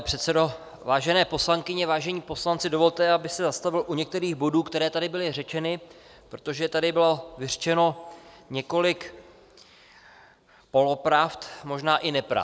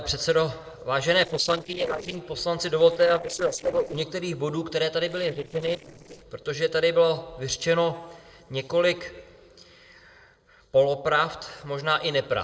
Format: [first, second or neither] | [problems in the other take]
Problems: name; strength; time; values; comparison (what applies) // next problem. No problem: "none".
first | noise reduction (neural separator model SepFormer DNS4)